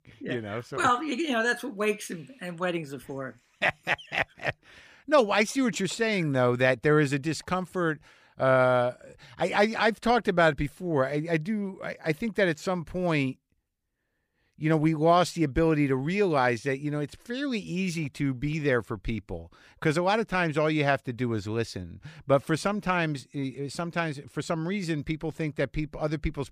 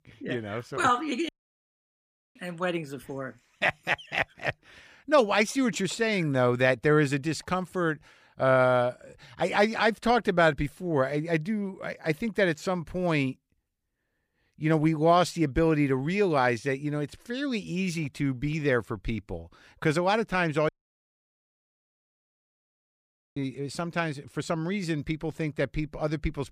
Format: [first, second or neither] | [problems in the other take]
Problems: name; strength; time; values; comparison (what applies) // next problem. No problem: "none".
first | audio cutting out; at 1.5 s for 1 s and at 21 s for 2.5 s